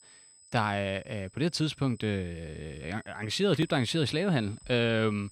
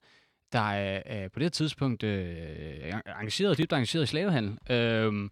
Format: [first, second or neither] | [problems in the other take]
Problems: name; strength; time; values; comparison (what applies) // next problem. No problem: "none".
second | high-pitched whine; faint; throughout; 8 kHz, 25 dB below the speech